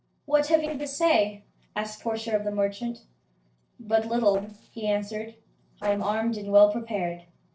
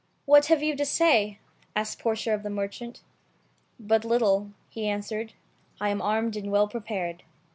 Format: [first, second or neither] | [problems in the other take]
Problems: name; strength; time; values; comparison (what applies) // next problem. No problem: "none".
second | noise reduction (neural separator model SepFormer DNS4)